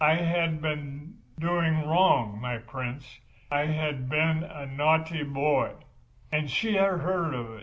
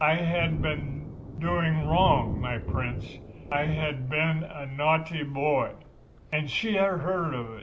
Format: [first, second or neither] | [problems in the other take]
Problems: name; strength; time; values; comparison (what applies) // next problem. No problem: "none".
first | background sound (Thunder); 8 dB below the speech